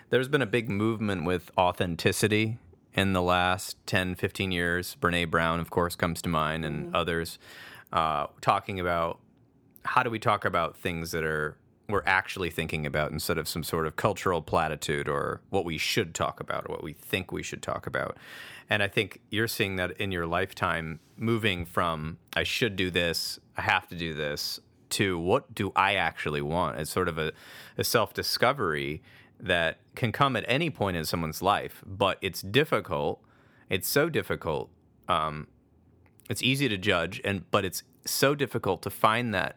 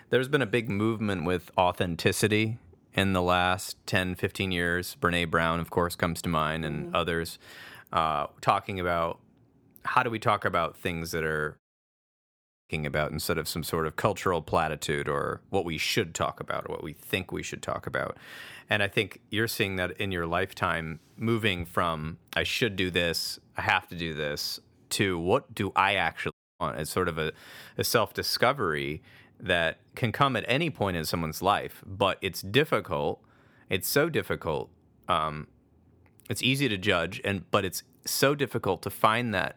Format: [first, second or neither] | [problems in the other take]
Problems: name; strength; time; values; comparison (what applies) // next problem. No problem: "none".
first | audio cutting out; at 12 s for 1 s and at 26 s